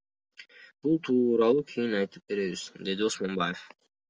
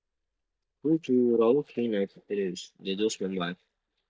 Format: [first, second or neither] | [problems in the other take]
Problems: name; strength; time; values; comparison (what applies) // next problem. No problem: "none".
first | noise reduction (neural mask model DeepFilterNet 3)